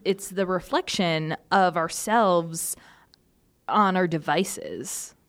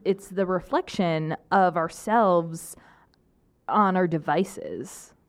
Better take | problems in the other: first | muffled; slightly; fading above 2 kHz

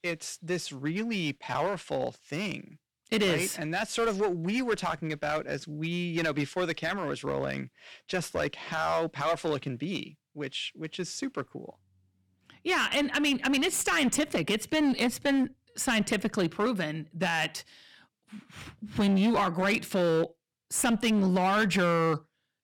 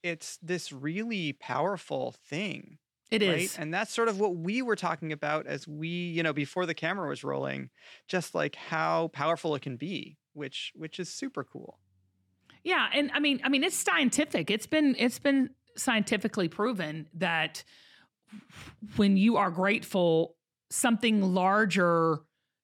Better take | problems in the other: second | distortion; slight; 9% of the sound clipped

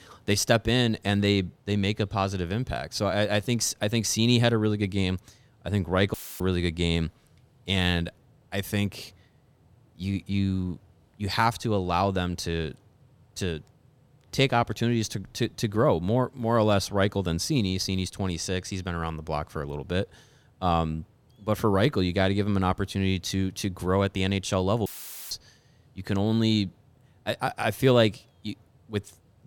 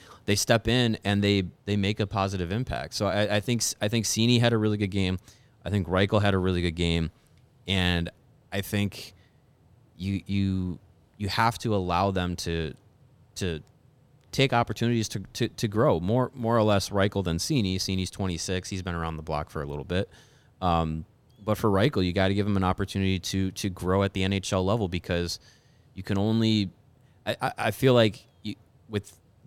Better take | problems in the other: second | audio cutting out; filled with static; at 6 s and at 25 s

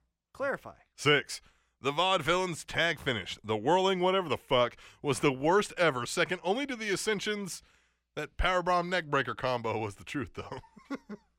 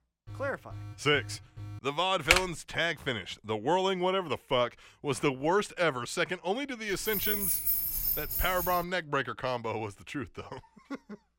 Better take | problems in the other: first | alarm; faint; until 2 s; peak 15 dB below the speech // keyboard typing; loud; at 2.5 s; peak 6 dB above the speech // jangling keys; loud; from 7 to 9 s; peak 5 dB above the speech

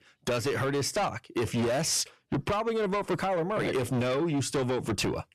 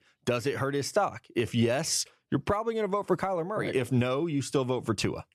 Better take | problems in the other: second | distortion; heavy; 7 dB below the speech

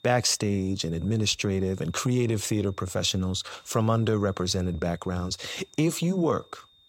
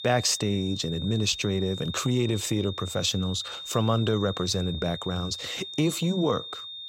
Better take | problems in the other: first | high-pitched whine; loud; throughout; 3.5 kHz, 9 dB below the speech; faint in the first

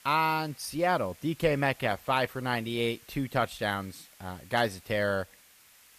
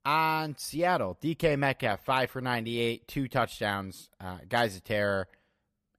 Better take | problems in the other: second | hiss; faint; throughout; 25 dB below the speech

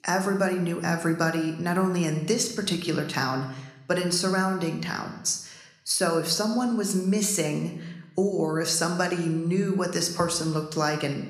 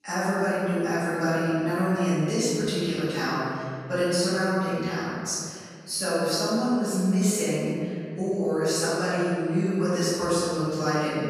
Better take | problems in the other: first | room echo; strong; dies away in 2.1 s; slight in the first // off-mic speech; far

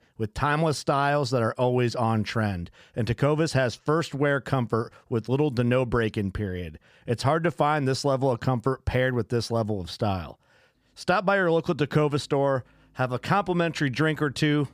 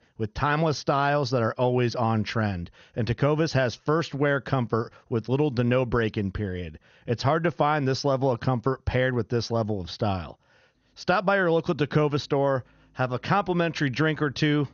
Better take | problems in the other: first | garbled, watery; slightly; nothing above 6 kHz

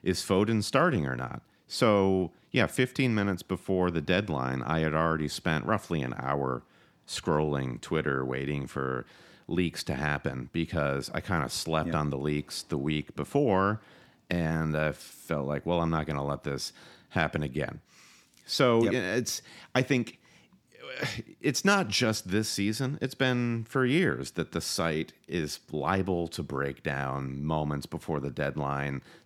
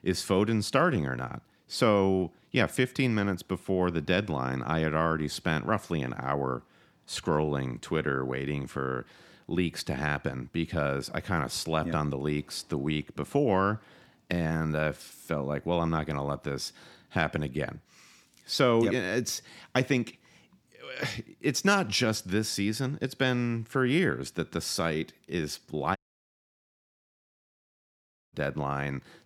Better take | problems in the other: first | audio cutting out; at 26 s for 2.5 s

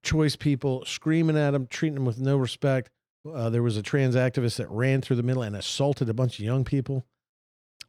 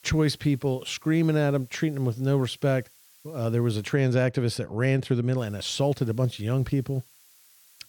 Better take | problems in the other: first | hiss; faint; until 4 s and from 5.5 s on; 25 dB below the speech

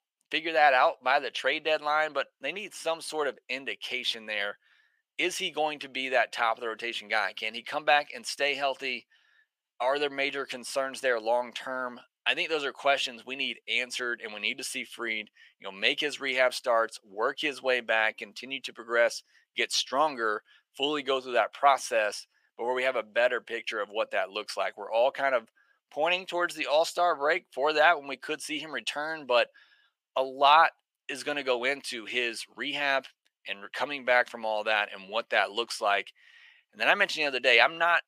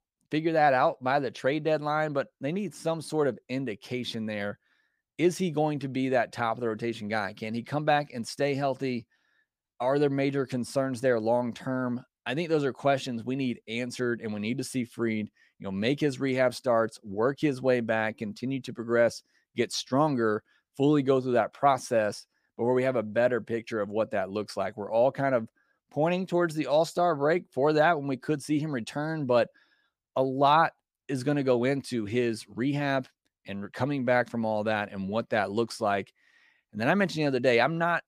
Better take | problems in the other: second | thin; very; fading below 700 Hz

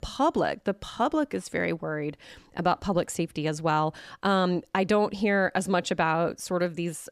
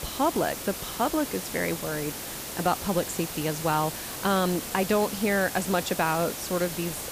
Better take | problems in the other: first | hiss; loud; throughout; 6 dB below the speech

